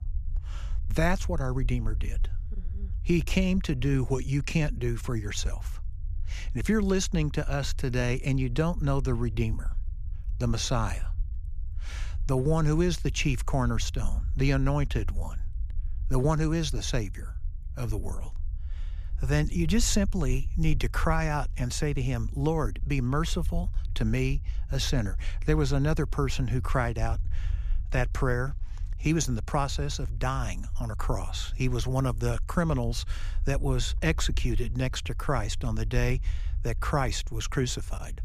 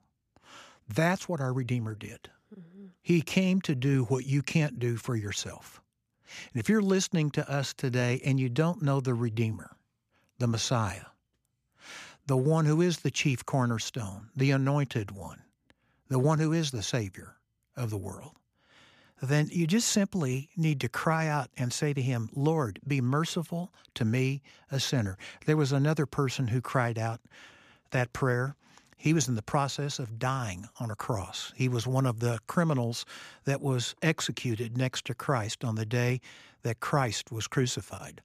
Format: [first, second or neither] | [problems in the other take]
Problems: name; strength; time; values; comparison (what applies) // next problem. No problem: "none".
second | low rumble; faint; throughout; 25 dB below the speech